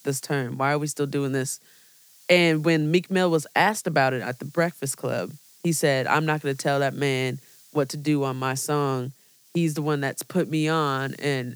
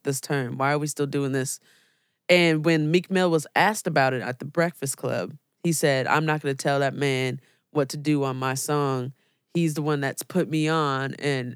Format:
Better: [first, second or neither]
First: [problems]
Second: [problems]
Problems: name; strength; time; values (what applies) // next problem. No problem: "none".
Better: second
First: hiss; faint; throughout; 25 dB below the speech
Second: none